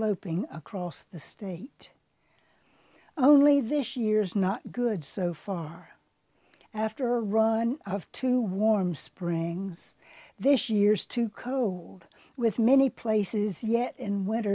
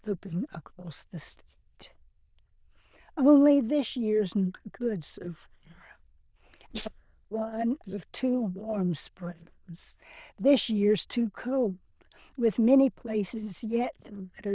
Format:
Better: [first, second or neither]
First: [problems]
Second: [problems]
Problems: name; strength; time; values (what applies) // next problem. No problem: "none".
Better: first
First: none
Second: noise reduction (neural diffusion model UNIVERSE++)